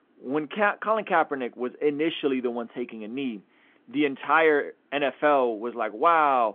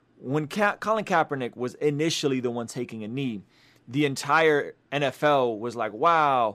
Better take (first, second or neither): second